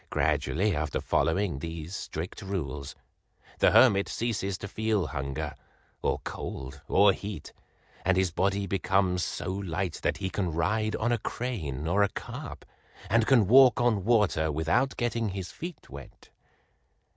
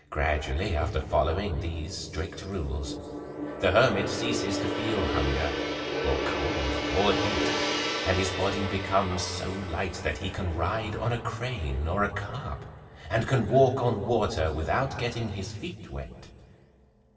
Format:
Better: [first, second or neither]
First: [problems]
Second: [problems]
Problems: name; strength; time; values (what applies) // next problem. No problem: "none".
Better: first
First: none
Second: background sound (Gong); 6 dB below the speech // room echo; dies away in 2.3 s